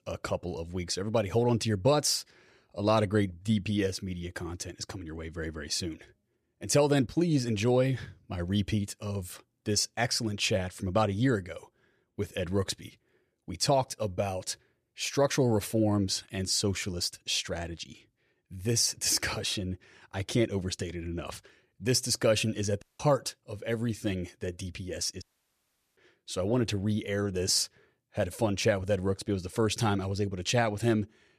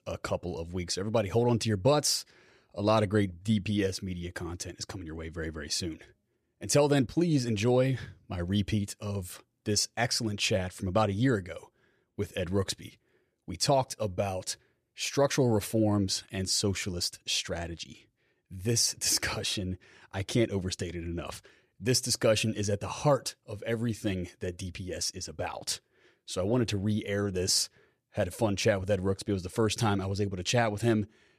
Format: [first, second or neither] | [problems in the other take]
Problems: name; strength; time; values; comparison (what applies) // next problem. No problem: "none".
second | audio cutting out; at 23 s and at 25 s for 1 s